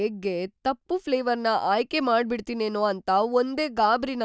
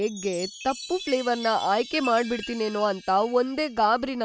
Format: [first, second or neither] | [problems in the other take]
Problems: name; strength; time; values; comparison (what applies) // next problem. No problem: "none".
first | background sound (Chime); 15 dB below the speech